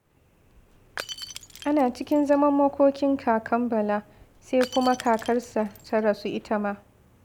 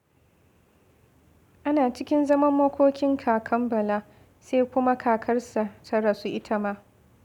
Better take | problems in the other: second | background sound (Shatter / Crushing); 19 dB below the speech

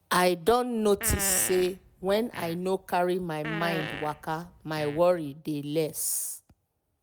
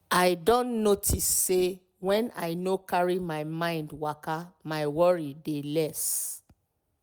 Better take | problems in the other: second | background sound (Fart); 11 dB below the speech

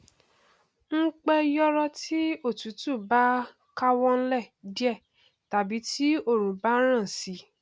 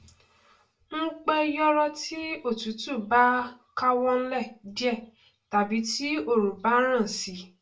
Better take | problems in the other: first | room echo; dies away in 0.2 s

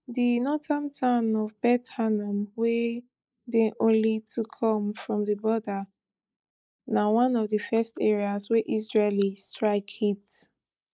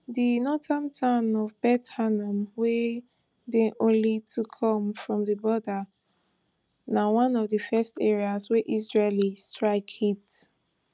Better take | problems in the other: second | noise reduction (neural mask model Resemble Enhance denoiser)

